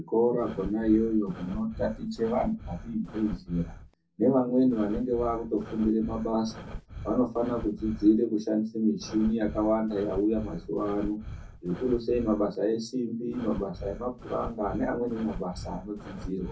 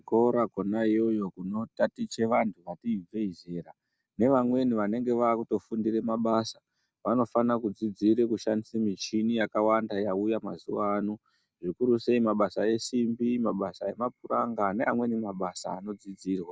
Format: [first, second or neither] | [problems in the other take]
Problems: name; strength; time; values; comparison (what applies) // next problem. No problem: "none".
second | background sound (Breathing); 13 dB below the speech // room echo; dies away in 0.3 s